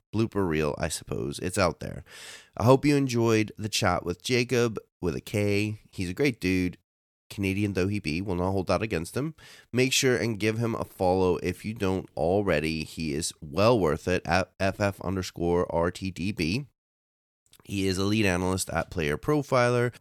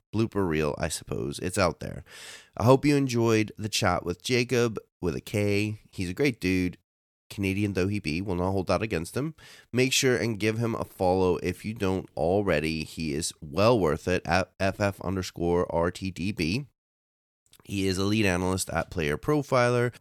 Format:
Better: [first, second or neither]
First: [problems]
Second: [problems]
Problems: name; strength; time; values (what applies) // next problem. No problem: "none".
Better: neither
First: none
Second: none